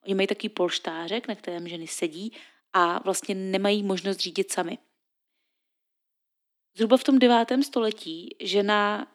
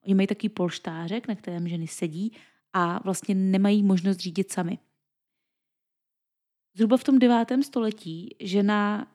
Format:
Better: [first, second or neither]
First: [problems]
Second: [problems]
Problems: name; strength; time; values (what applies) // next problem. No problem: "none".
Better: second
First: thin; somewhat; fading below 300 Hz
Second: none